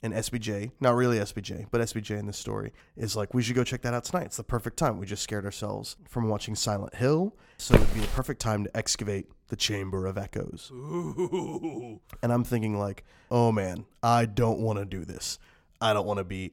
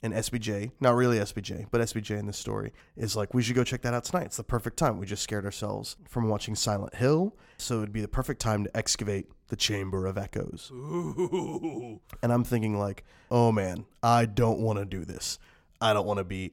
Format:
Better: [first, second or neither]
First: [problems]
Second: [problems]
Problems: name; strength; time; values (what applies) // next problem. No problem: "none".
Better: second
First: footsteps; loud; at 7.5 s; peak 6 dB above the speech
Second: none